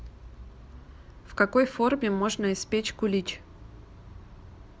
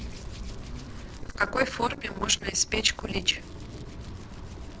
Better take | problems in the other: first | noise reduction (neural separator model SepFormer DNS4)

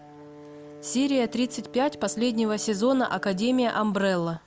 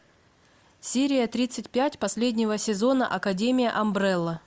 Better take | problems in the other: second | background sound (Brass instrument); 18 dB below the speech

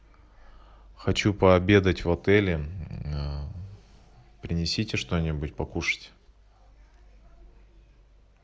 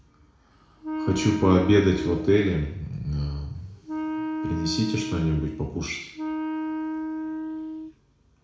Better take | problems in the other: first | background sound (Wind instrument, woodwind instrument); 5 dB below the speech // room echo; dies away in 0.6 s

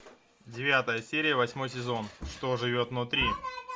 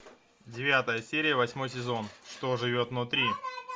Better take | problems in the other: second | background sound (Wood); 18 dB below the speech

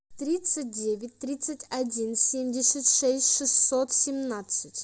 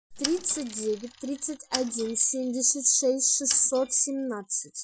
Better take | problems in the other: first | noise reduction (classical method Wiener filter)

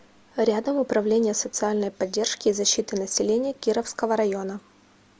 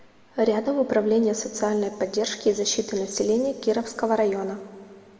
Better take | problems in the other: first | room echo; dies away in 1.8 s

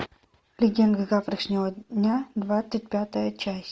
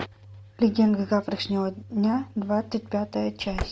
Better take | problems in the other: first | background sound (Slam / Engine); 15 dB below the speech

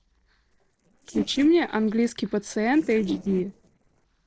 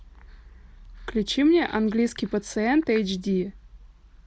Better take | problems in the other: second | noise reduction (neural separator model SepFormer DNS4)

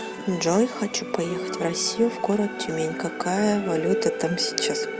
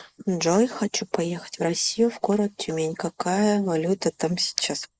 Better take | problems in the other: first | noise reduction (neural mask model Resemble Enhance denoiser)

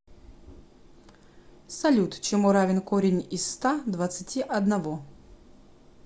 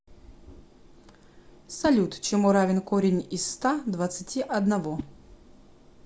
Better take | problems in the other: first | background sound (Whoosh, swoosh, swish); 19 dB below the speech

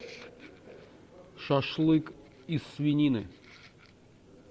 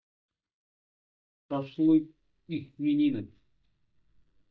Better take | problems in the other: first | noise reduction (neural mask model DeepFilterNet 3)

